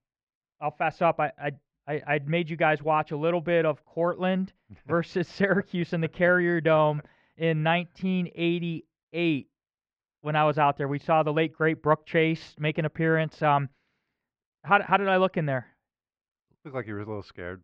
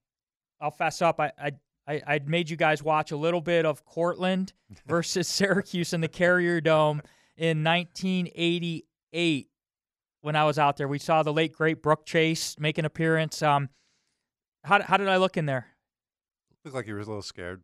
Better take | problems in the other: second | muffled; very; fading above 2.5 kHz

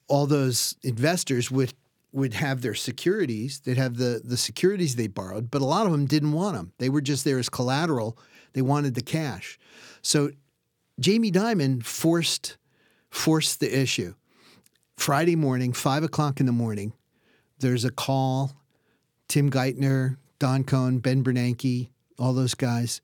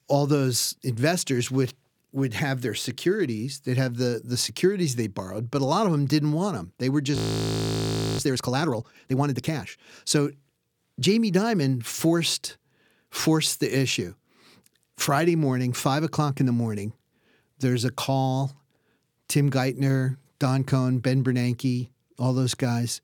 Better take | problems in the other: first | audio freezing; at 7 s for 1 s

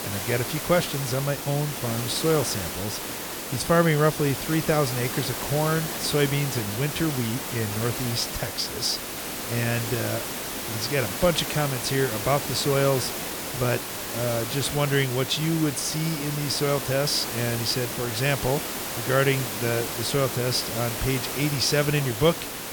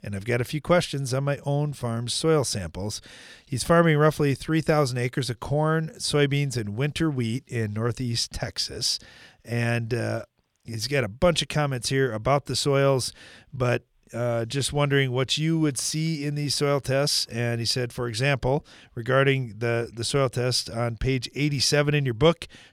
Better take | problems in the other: second | hiss; loud; throughout; 4 dB below the speech

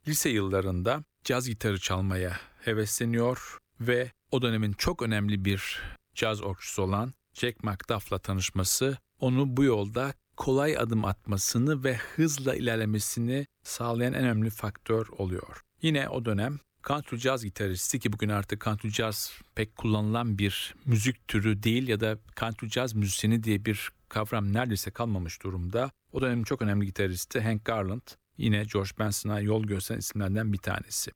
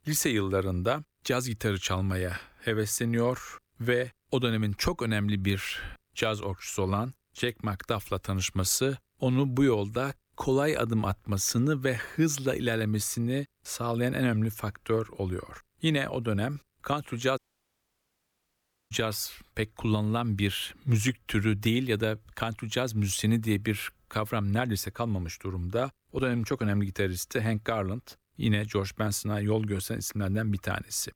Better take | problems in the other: first | audio cutting out; at 17 s for 1.5 s

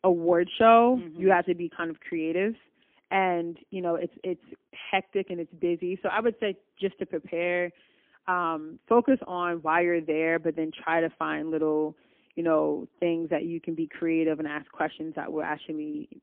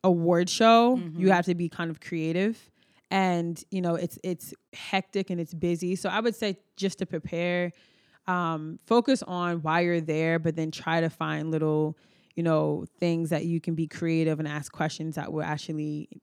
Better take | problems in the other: second | phone-call audio; poor line; nothing above 3.5 kHz

